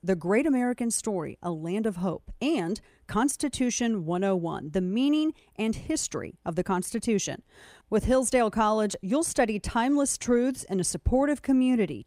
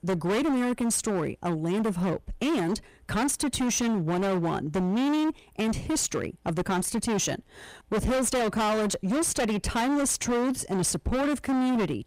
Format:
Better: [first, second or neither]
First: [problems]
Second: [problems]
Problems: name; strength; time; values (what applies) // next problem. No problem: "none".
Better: first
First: none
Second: distortion; heavy; 30% of the sound clipped